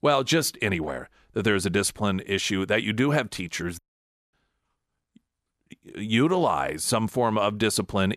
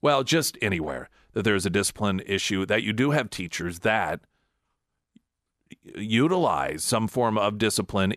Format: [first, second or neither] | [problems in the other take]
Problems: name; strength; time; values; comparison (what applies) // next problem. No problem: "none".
second | audio cutting out; at 4 s for 0.5 s